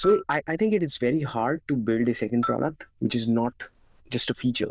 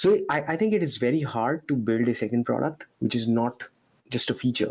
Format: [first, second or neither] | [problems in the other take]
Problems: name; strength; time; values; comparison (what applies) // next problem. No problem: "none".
second | noise reduction (neural diffusion model UNIVERSE++)